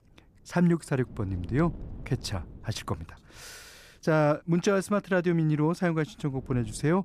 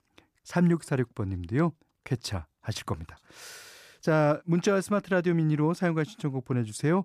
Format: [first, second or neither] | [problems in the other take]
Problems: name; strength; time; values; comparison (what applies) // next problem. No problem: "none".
second | wind noise on the microphone; occasional gusts; 25 dB below the speech